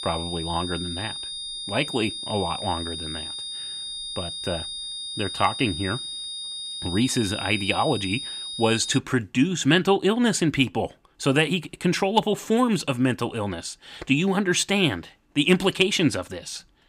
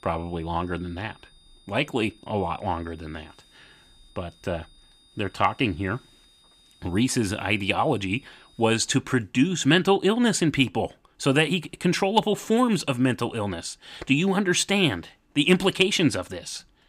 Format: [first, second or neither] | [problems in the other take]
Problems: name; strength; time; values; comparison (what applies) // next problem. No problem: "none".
second | high-pitched whine; loud; until 9 s; 3.5 kHz, 7 dB below the speech; faint in the second